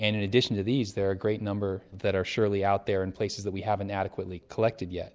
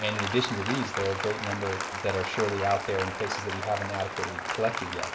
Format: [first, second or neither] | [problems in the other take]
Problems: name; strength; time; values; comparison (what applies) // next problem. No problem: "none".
first | background sound (Applause); 3 dB below the speech // room echo; dies away in 1.6 s